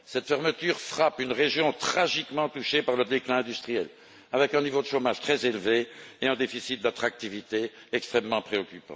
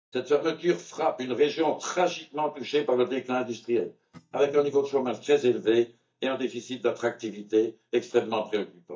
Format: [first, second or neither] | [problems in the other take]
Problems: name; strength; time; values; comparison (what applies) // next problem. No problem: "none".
first | noise reduction (neural mask model DeepFilterNet 3)